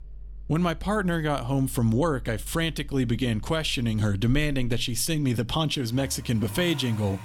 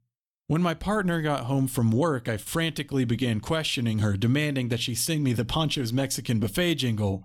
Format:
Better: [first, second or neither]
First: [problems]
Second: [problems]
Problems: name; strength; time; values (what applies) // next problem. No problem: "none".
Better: second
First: traffic noise; noticeable; throughout; 15 dB below the speech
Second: none